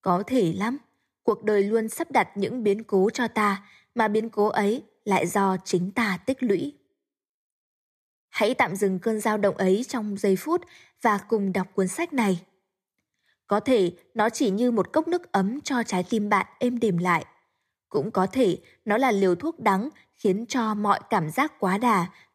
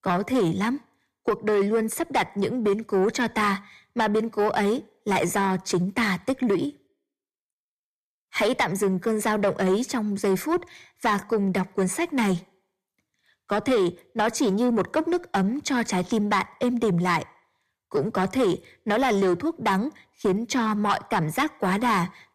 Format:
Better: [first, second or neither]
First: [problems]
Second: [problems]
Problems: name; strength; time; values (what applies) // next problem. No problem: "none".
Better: first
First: none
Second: distortion; slight; 10 dB below the speech